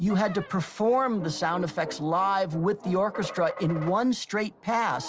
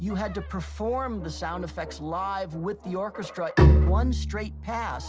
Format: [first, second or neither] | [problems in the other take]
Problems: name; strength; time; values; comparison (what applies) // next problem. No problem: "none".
first | background sound (Bowed string instrument); 5 dB above the speech